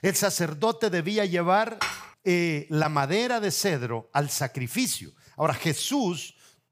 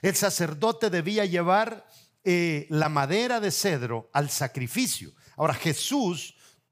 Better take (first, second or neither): second